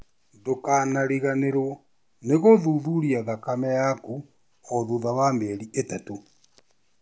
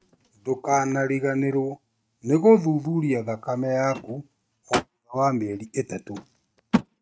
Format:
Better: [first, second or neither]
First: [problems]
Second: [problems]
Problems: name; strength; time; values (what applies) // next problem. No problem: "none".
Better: first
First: none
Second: noise reduction (neural mask model RNNoise)